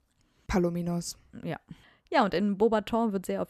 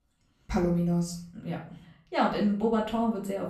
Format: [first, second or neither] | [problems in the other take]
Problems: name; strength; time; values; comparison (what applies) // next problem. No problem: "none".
first | off-mic speech; far // room echo; slight; dies away in 0.4 s